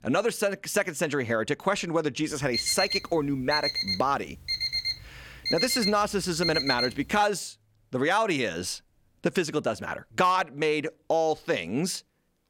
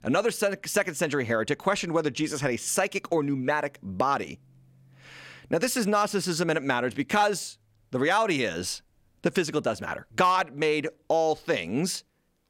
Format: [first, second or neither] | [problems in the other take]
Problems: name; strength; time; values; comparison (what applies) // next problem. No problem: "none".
second | alarm; loud; from 2.5 to 7 s; peak 1 dB above the speech